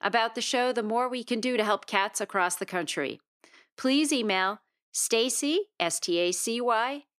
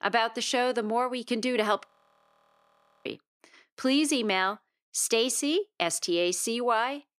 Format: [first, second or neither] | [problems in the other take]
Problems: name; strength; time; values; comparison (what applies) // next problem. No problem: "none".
first | audio freezing; at 2 s for 1 s